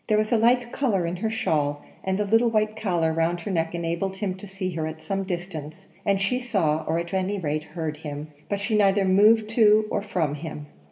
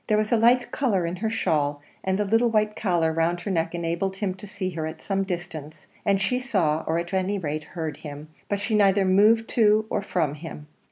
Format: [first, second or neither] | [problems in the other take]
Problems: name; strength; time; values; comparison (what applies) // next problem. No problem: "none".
second | room echo; dies away in 2.9 s